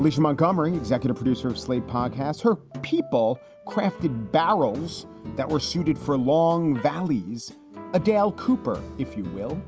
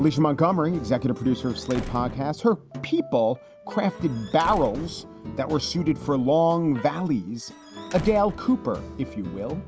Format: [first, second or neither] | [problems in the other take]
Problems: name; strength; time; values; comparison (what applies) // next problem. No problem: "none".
first | background sound (Squeak / Slam / Wood); 16 dB below the speech